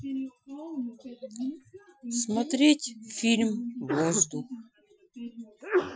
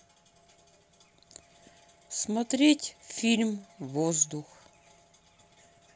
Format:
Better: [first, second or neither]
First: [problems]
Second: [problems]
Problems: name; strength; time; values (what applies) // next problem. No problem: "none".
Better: second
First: noise reduction (classical method Wiener filter)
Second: none